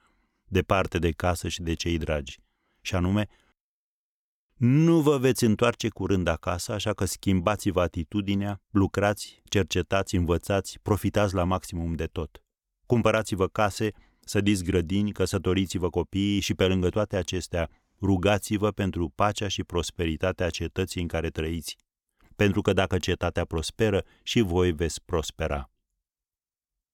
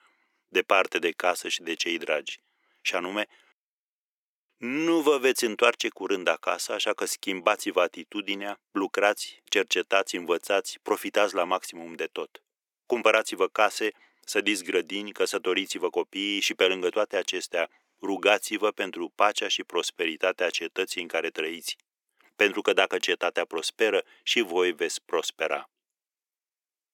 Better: first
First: none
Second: thin; very; fading below 350 Hz

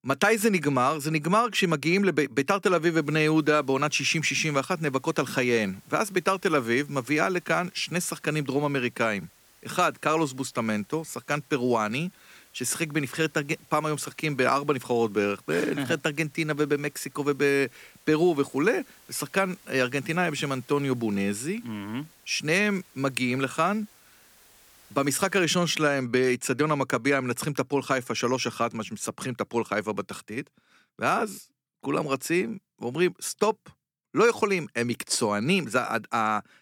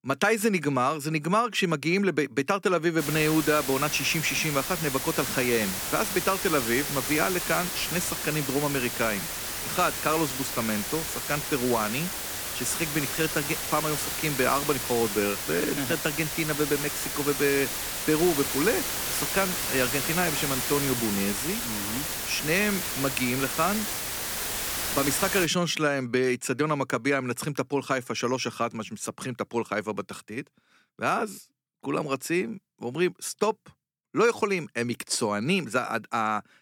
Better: first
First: hiss; faint; from 3 to 25 s; 30 dB below the speech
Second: hiss; loud; from 3 to 25 s; 2 dB below the speech

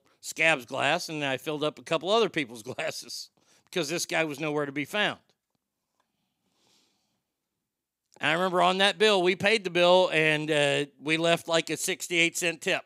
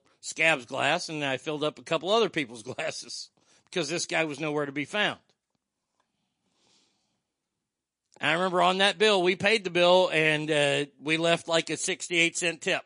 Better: first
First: none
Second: garbled, watery; slightly; nothing above 10.5 kHz

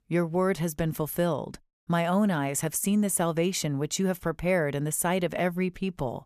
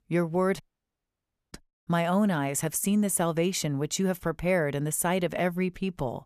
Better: first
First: none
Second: audio cutting out; at 0.5 s for 1 s

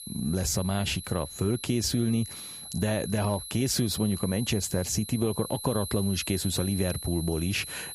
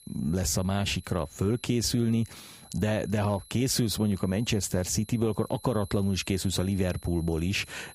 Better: second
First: high-pitched whine; loud; throughout; 10.5 kHz, 9 dB below the speech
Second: high-pitched whine; faint; throughout; 10.5 kHz, 20 dB below the speech

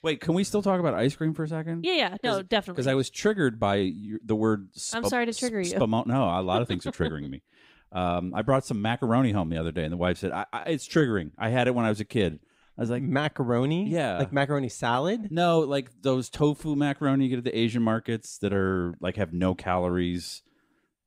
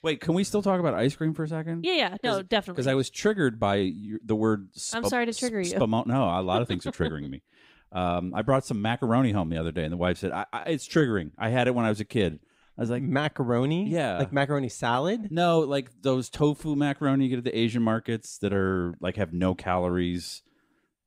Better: neither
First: none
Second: none

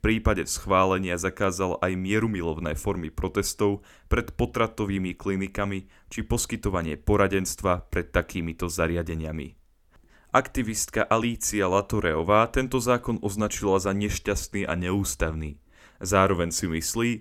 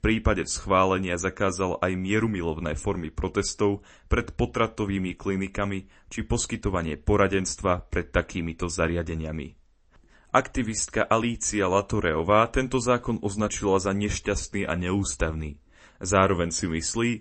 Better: first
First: none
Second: garbled, watery; slightly; nothing above 8 kHz

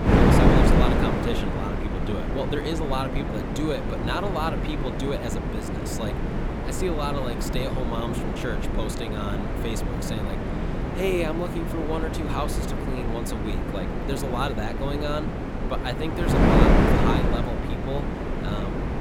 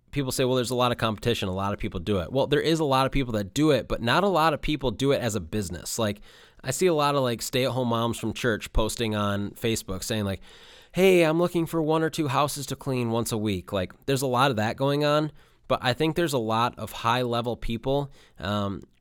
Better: second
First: wind noise on the microphone; heavy; 2 dB above the speech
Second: none

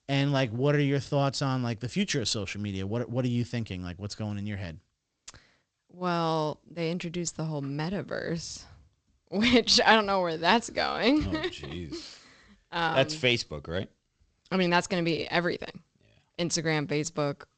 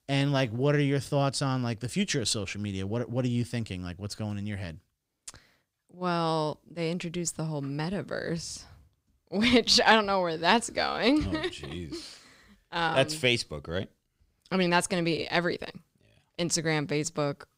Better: second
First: garbled, watery; slightly; nothing above 8 kHz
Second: none

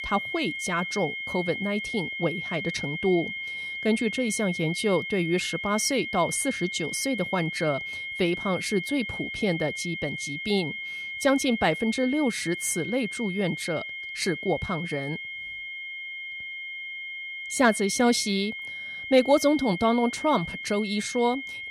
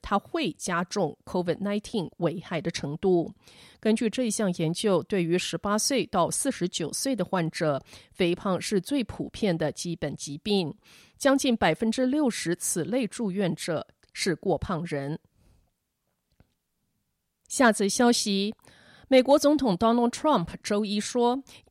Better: second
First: high-pitched whine; loud; throughout; 2 kHz, 6 dB below the speech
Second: none

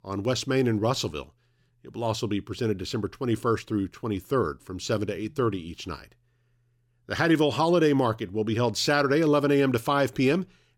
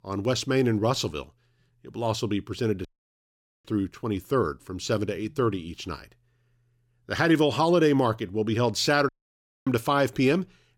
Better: first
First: none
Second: audio cutting out; at 3 s for 1 s and at 9 s for 0.5 s

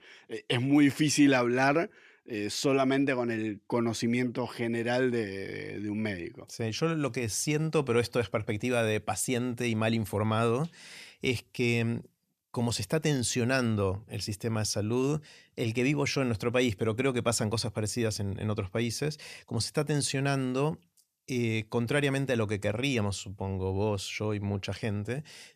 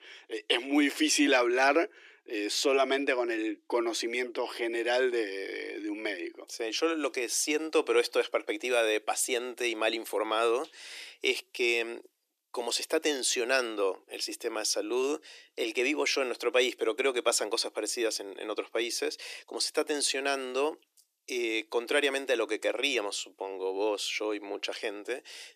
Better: first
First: none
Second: thin; somewhat; fading below 300 Hz

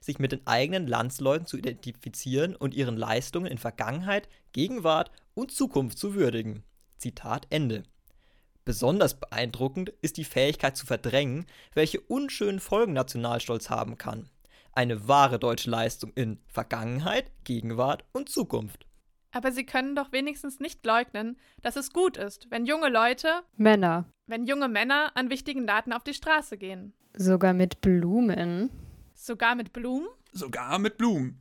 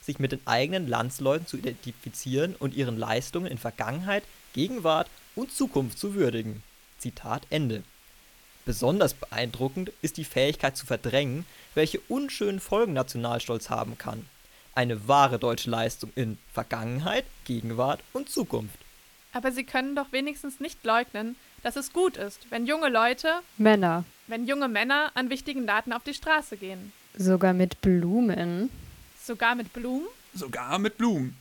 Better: first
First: none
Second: hiss; faint; throughout; 25 dB below the speech

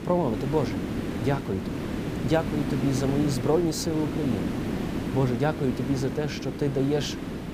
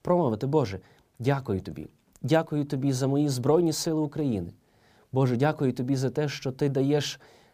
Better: second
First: hiss; loud; throughout; 4 dB below the speech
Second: none

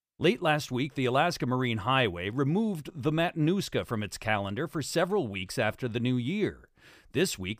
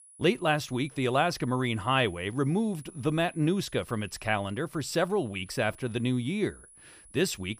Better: first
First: none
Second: high-pitched whine; faint; throughout; 10.5 kHz, 25 dB below the speech

